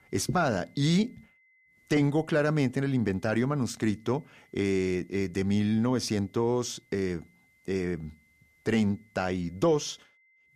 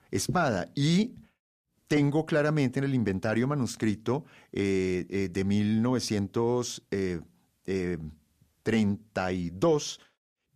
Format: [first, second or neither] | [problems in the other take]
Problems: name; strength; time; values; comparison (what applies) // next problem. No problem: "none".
second | high-pitched whine; faint; throughout; 2 kHz, 35 dB below the speech